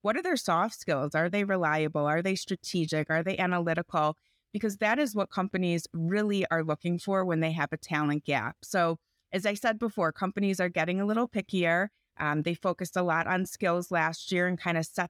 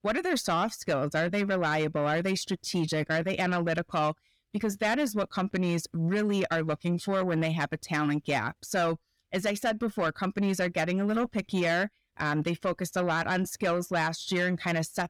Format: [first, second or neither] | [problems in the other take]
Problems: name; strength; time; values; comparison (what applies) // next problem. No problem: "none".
first | distortion; slight; 10 dB below the speech